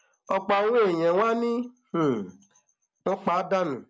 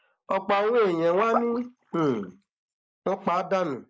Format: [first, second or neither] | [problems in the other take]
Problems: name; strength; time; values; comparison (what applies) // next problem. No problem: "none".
first | noise reduction (neural mask model Resemble Enhance denoiser)